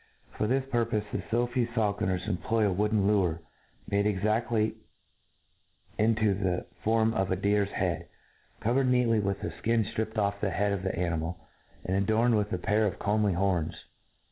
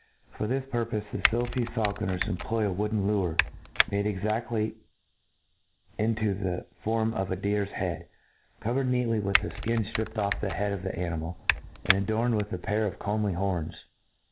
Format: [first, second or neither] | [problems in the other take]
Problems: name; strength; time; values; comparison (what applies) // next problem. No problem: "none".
first | background sound (Typing); 3 dB below the speech